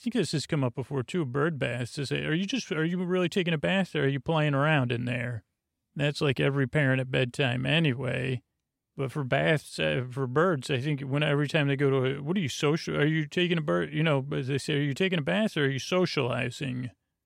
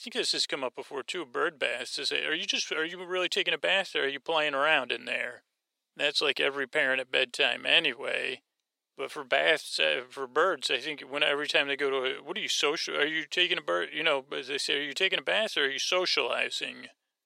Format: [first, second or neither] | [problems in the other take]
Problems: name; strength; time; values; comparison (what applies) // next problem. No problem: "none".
first | thin; very; fading below 450 Hz